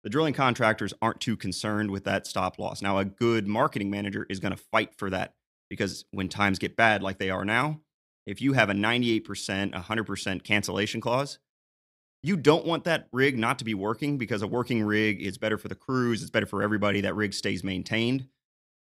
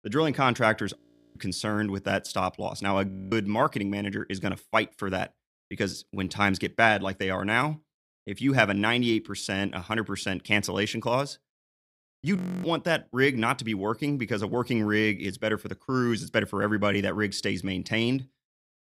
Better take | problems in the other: first | audio freezing; at 1 s, at 3 s and at 12 s

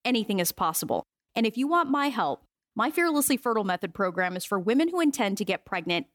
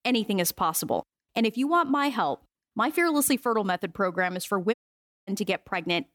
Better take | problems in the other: first | audio cutting out; at 4.5 s for 0.5 s

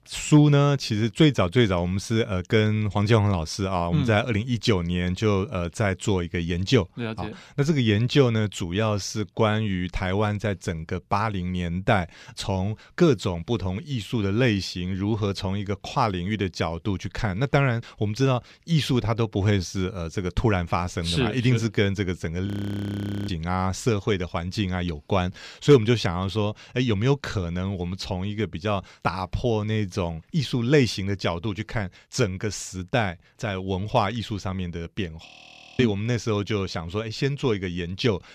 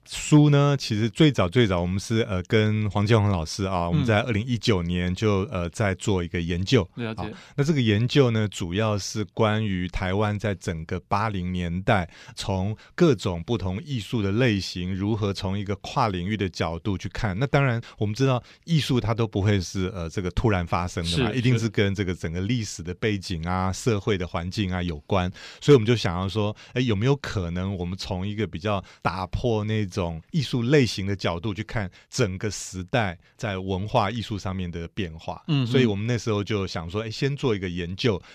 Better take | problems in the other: second | audio freezing; at 22 s for 1 s and at 35 s for 0.5 s

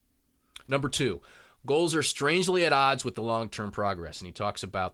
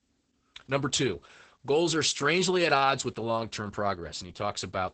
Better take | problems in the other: first | garbled, watery; badly; nothing above 8 kHz; slightly in the first

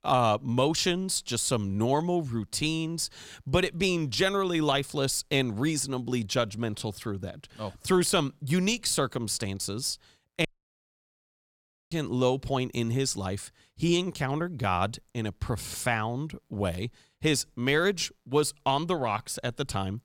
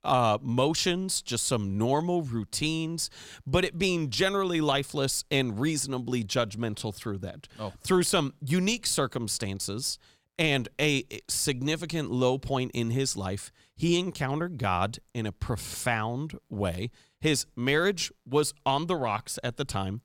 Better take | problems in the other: second | audio cutting out; at 10 s for 1.5 s

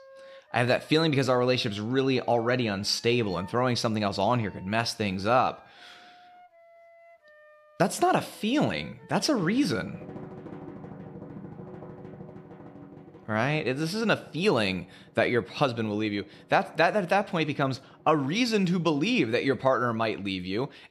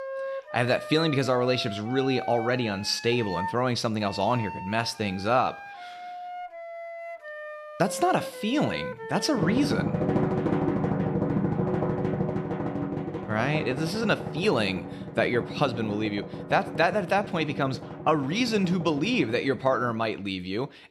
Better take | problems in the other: first | background music; loud; throughout; 6 dB below the speech; faint in the first

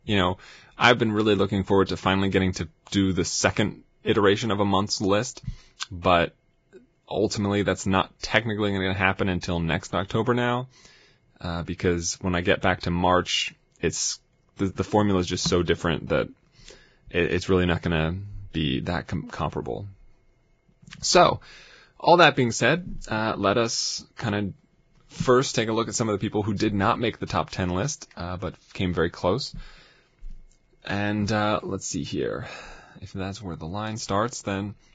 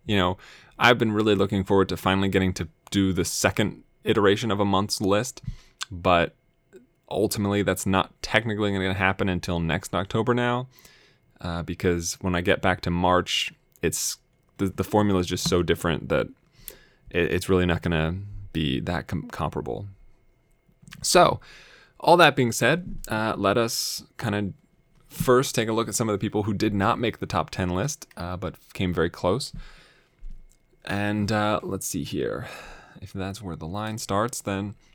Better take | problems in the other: second | garbled, watery; badly; nothing above 7.5 kHz

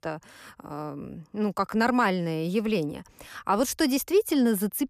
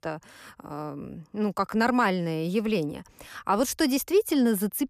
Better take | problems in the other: neither | none

